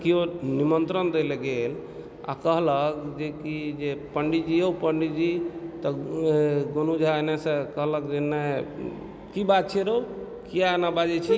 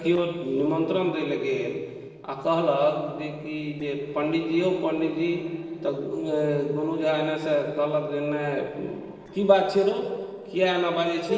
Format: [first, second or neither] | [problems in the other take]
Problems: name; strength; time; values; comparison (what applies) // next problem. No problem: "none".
first | noise reduction (neural separator model SepFormer DNS4)